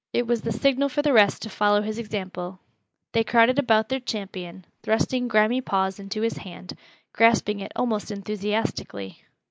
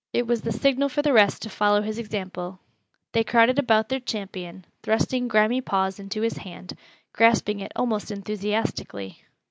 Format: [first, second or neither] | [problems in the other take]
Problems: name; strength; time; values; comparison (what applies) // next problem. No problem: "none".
second | noise reduction (neural mask model Resemble Enhance denoiser)